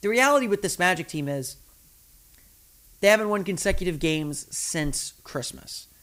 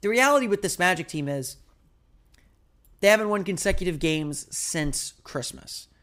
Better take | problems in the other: second | hiss; faint; throughout; 30 dB below the speech

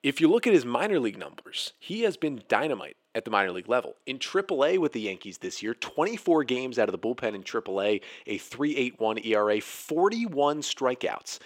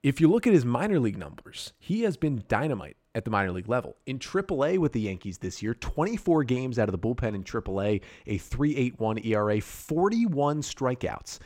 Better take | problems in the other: second | thin; somewhat; fading below 400 Hz

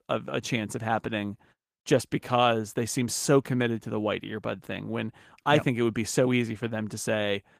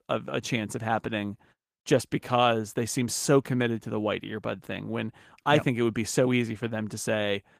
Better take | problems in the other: neither | garbled, watery; slightly; nothing above 15 kHz; the same in both

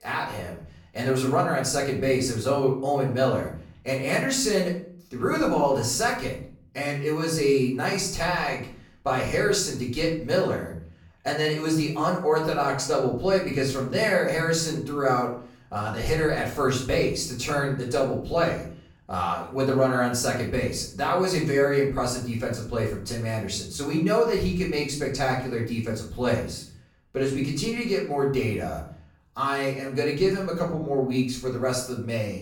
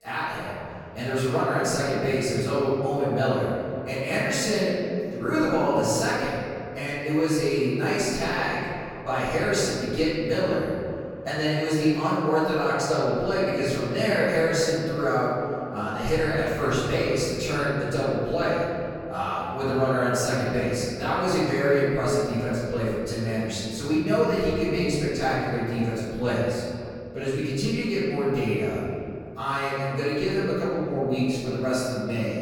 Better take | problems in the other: first | room echo; strong; dies away in 2.5 s; slight in the first // off-mic speech; far; far in the first

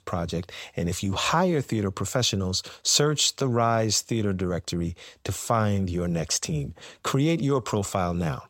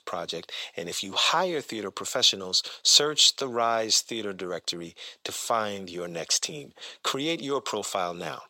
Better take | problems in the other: first | thin; somewhat; fading below 400 Hz

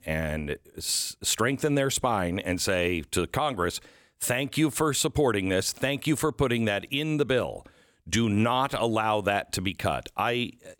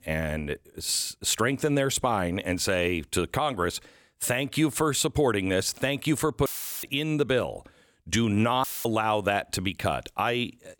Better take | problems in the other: first | audio cutting out; filled with static; at 6.5 s and at 8.5 s

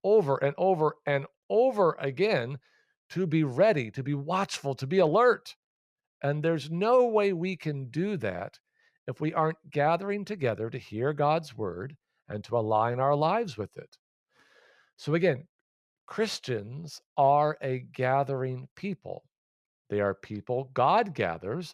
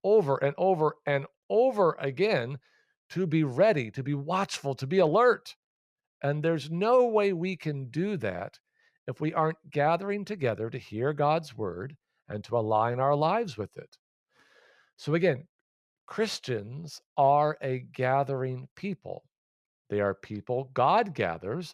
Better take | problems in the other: neither | none

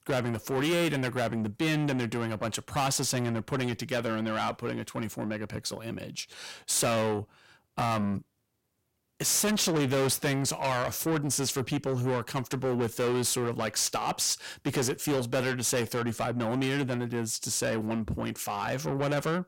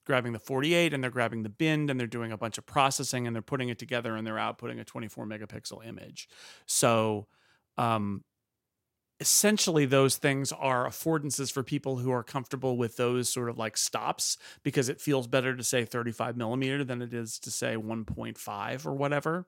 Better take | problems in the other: second | distortion; heavy; 5 dB below the speech

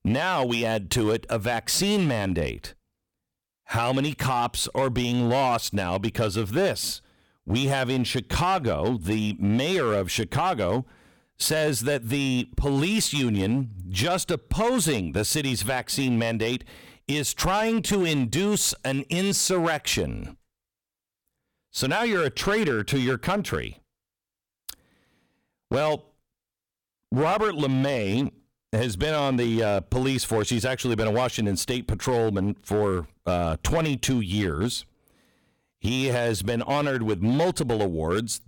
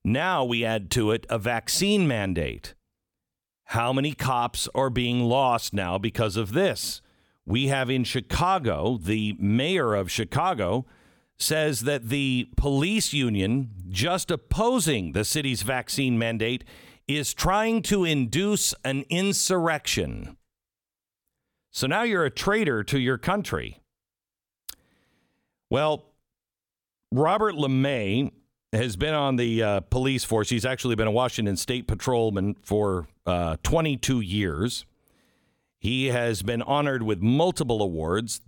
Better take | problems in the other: second | distortion; slight; 7% of the sound clipped

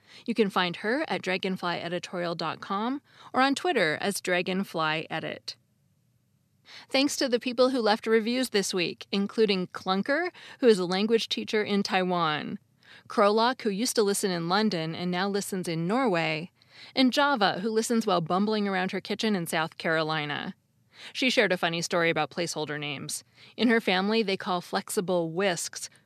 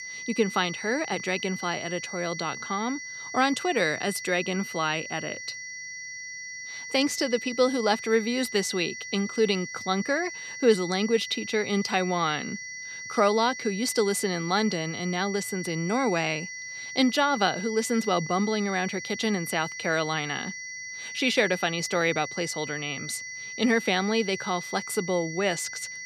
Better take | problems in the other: first | high-pitched whine; loud; throughout; 2 kHz, 9 dB below the speech

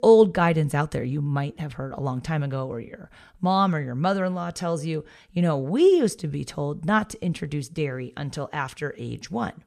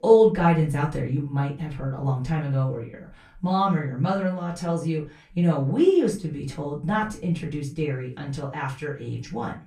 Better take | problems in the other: first | off-mic speech; far // room echo; very slight; dies away in 0.2 s

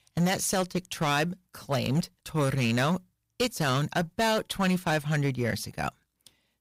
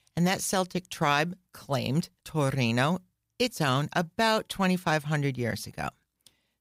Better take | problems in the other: second | distortion; slight; 7% of the sound clipped

